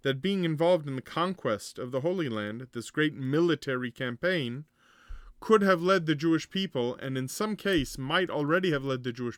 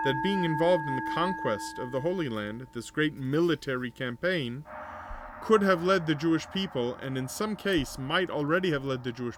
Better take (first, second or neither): first